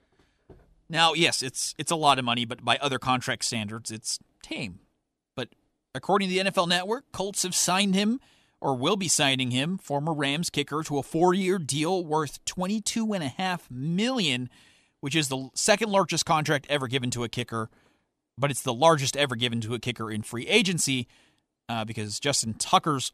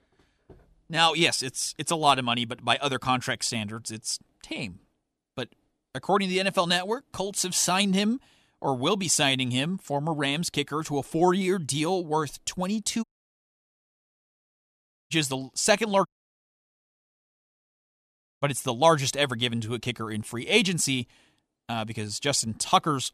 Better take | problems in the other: first | audio cutting out; at 13 s for 2 s and at 16 s for 2.5 s

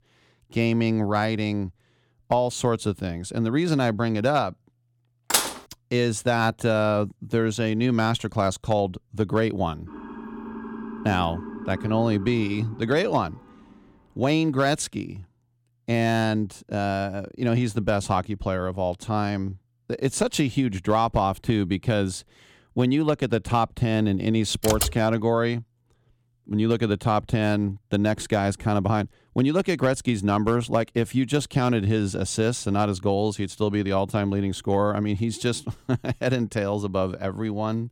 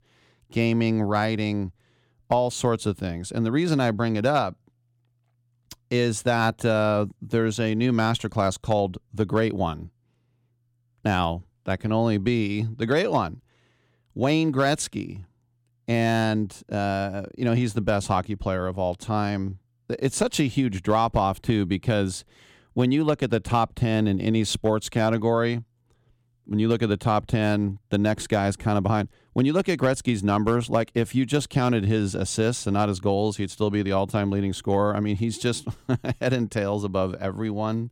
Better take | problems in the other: second | clattering dishes; loud; at 5.5 s; peak 2 dB above the speech // siren; faint; from 10 to 14 s; peak 10 dB below the speech // keyboard typing; noticeable; at 25 s; peak 1 dB below the speech

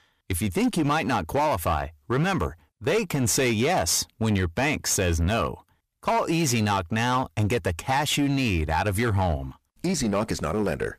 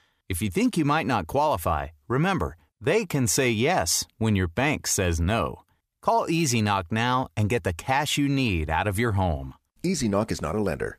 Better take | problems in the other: second | distortion; slight; 12% of the sound clipped

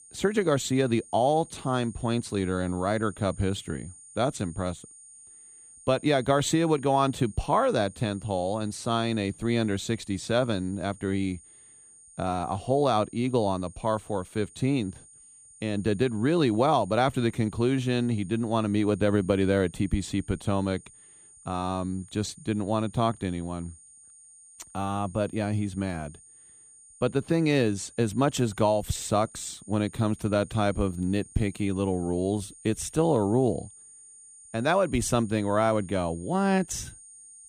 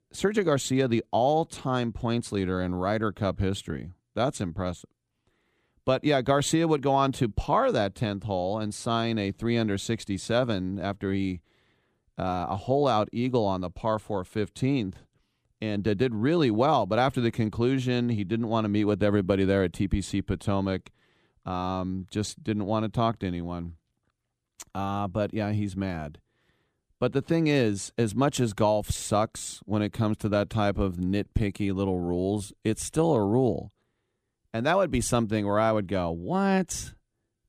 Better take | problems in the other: second | high-pitched whine; faint; throughout; 9 kHz, 20 dB below the speech

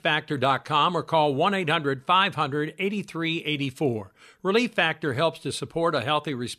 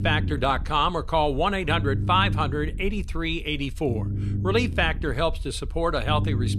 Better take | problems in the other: first | low rumble; noticeable; throughout; 15 dB below the speech

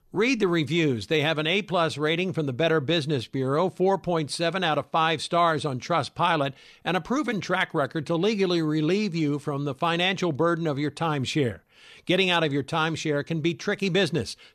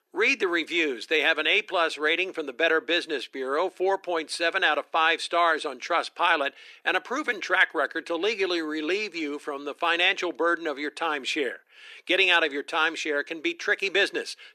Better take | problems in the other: first | thin; very; fading below 300 Hz

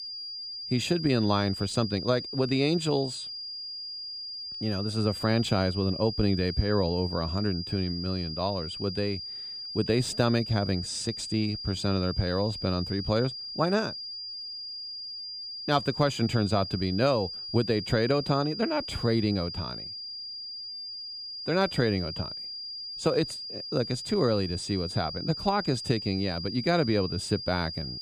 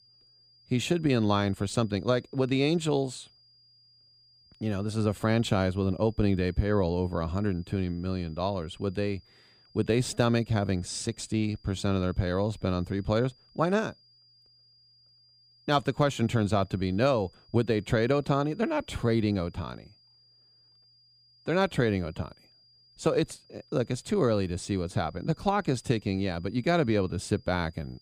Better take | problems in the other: second | high-pitched whine; loud; throughout; 5 kHz, 7 dB below the speech; faint in the second

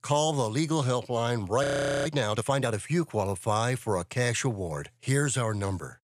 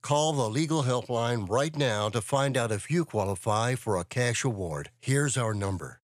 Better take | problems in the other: second | audio freezing; at 1.5 s

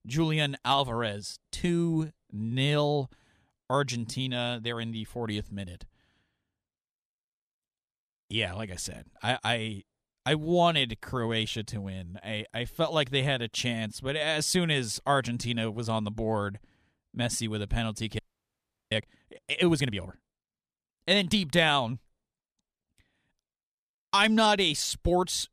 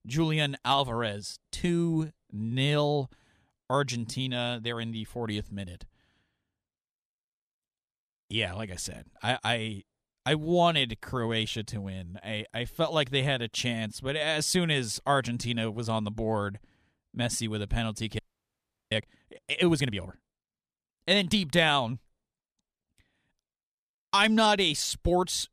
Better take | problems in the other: neither | audio freezing; at 18 s for 0.5 s; the same in both

